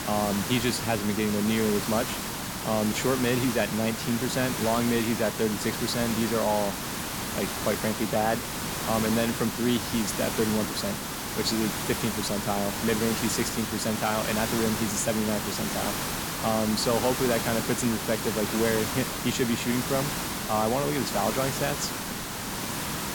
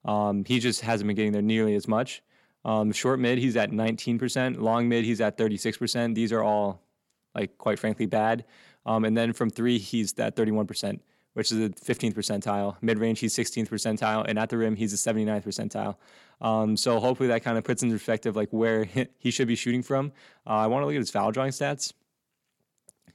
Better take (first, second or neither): second